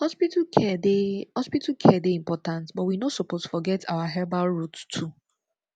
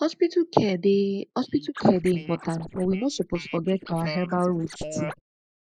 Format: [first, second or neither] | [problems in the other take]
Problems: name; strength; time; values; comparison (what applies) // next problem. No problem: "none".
first | noise reduction (neural mask model Resemble Enhance denoiser)